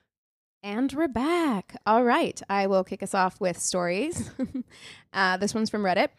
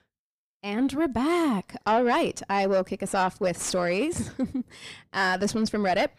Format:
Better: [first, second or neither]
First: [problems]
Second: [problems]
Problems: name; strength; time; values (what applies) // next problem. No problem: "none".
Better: first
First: none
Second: distortion; slight; 10 dB below the speech